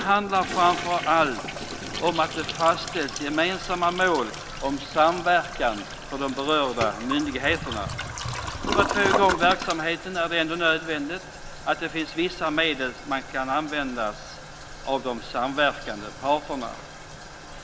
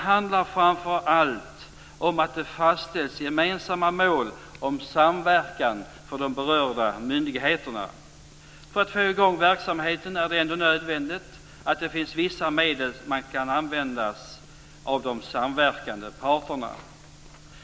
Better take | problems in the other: second | background sound (Toilet flush); 8 dB below the speech

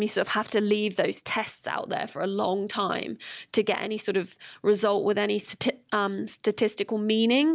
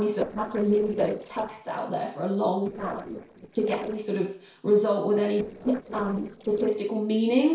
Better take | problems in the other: first | noise reduction (neural separator model SepFormer DNS4)

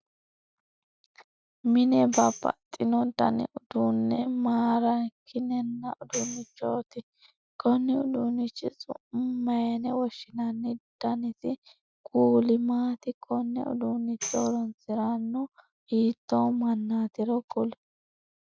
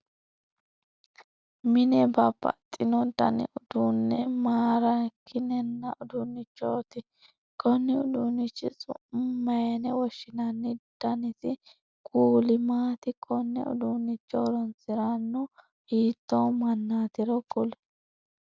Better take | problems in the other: second | noise reduction (classical method Wiener filter)

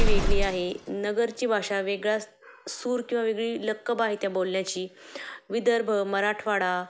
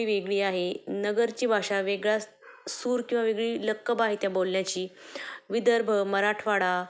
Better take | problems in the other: second | background sound (Explosion); 2 dB below the speech

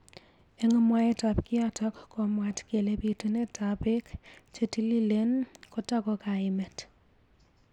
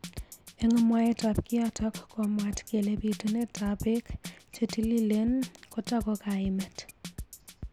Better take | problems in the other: first | background sound (Drum kit); 14 dB below the speech

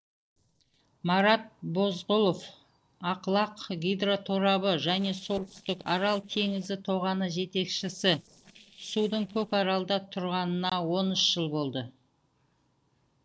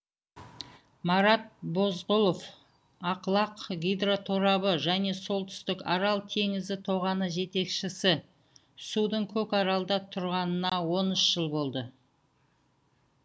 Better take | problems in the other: second | noise reduction (neural separator model SepFormer DNS4)

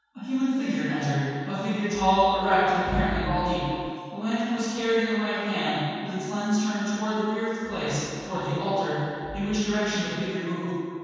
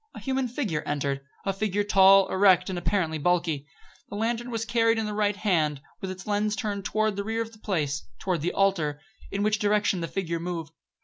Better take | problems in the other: second | room echo; dies away in 2.1 s

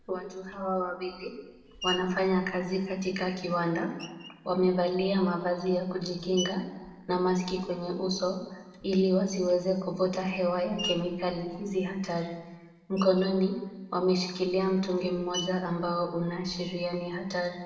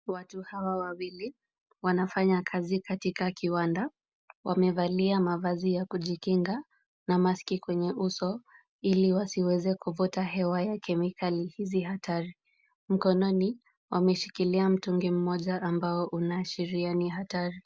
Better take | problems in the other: second | background sound (Screech); 17 dB below the speech // room echo; dies away in 1 s

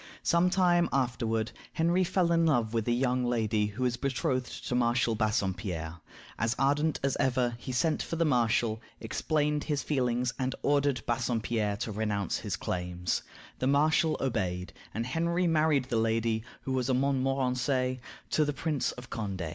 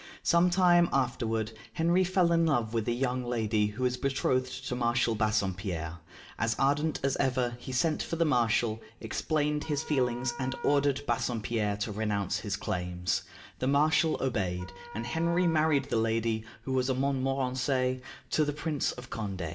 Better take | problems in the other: first | background sound (Wind instrument, woodwind instrument); 15 dB below the speech // room echo; dies away in 0.2 s

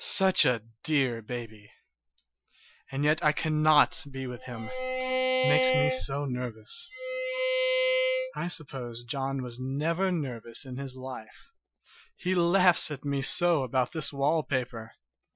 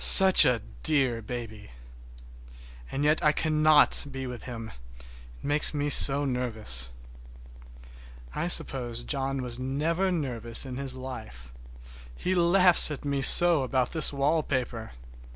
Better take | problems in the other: second | noise reduction (classical method Wiener filter)

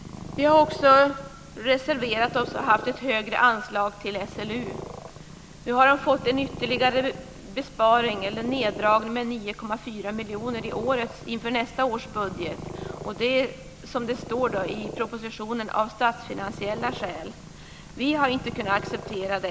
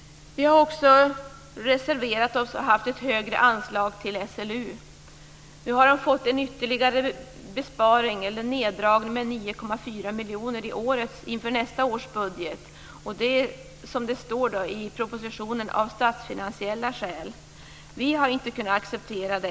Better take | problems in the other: second | background sound (Purr); 14 dB below the speech

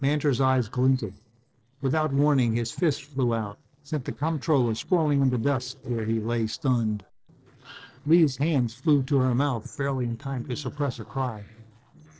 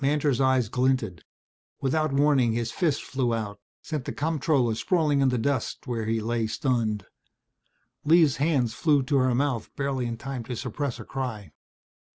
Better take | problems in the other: second | noise reduction (neural separator model SepFormer DNS4)

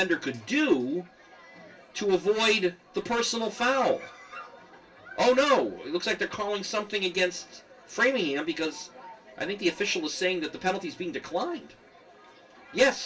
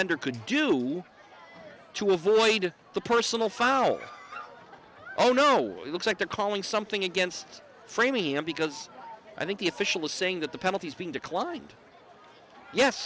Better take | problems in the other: second | room echo; dies away in 0.2 s

